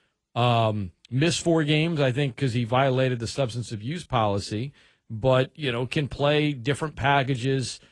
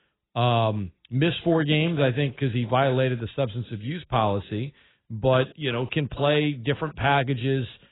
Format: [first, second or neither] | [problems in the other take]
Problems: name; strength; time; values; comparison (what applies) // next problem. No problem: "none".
first | garbled, watery; badly; nothing above 4 kHz; slightly in the first